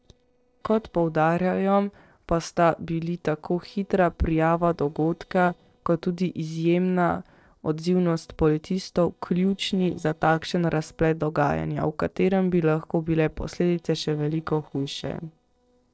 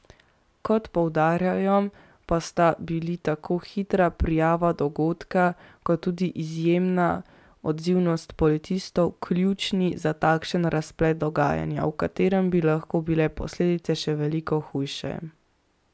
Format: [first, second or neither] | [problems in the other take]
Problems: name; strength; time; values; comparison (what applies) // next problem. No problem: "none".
second | noise reduction (neural separator model SepFormer DNS4)